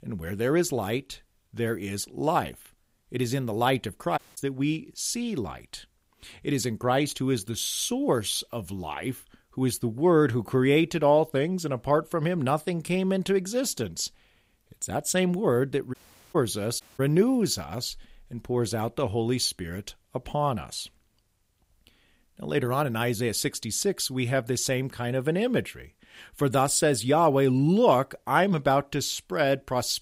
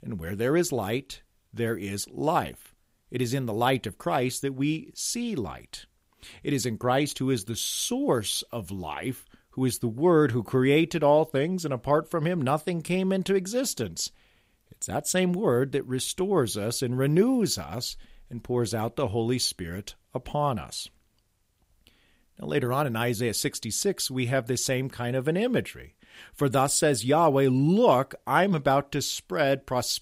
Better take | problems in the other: second | audio cutting out; at 4 s, at 16 s and at 17 s

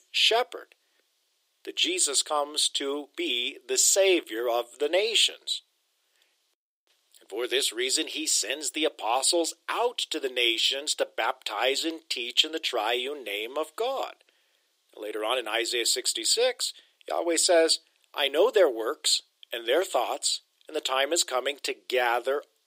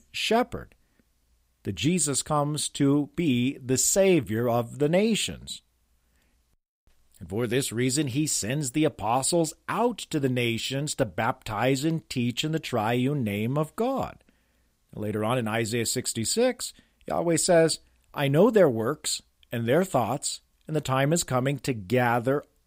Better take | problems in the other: second | thin; very; fading below 350 Hz

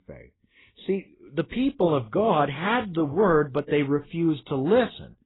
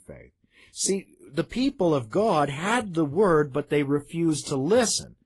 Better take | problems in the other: second | garbled, watery; badly; nothing above 4 kHz; slightly in the second

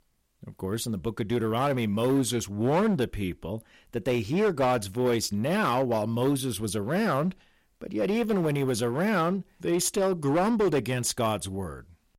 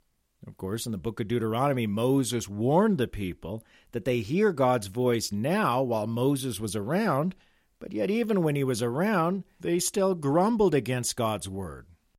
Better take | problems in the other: second | distortion; slight; 8% of the sound clipped

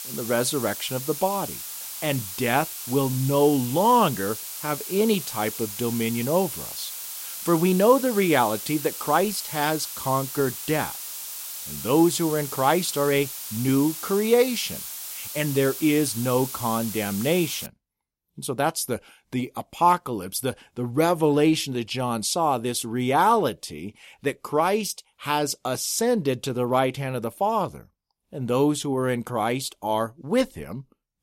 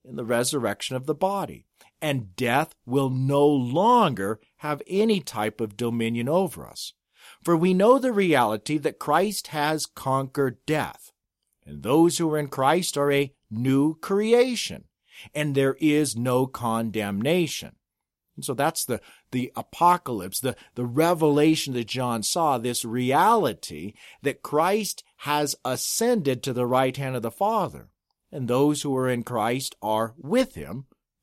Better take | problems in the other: second | hiss; loud; until 18 s; 8 dB below the speech

